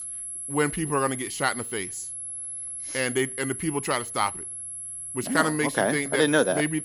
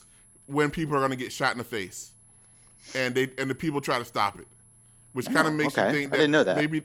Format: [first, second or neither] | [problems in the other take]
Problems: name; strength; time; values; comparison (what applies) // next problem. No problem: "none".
second | high-pitched whine; loud; throughout; 11 kHz, 7 dB below the speech; faint in the second